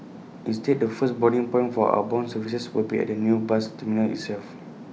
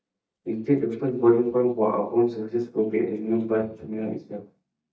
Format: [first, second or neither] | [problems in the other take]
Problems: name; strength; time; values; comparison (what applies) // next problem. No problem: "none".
first | noise reduction (neural mask model DeepFilterNet 3)